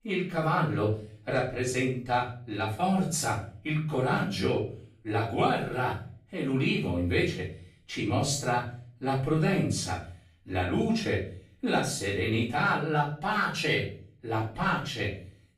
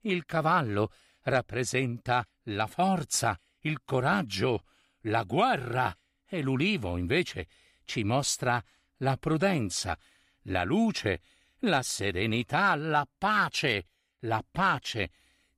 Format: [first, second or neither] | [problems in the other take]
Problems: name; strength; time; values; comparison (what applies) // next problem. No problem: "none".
second | off-mic speech; far // room echo; noticeable; dies away in 0.4 s